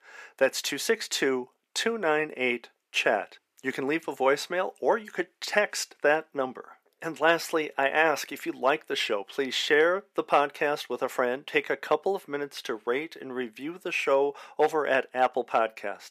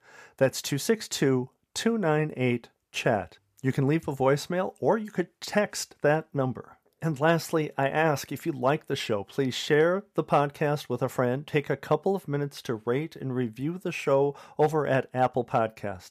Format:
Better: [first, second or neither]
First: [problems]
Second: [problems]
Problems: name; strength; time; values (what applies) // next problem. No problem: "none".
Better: second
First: thin; somewhat; fading below 300 Hz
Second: none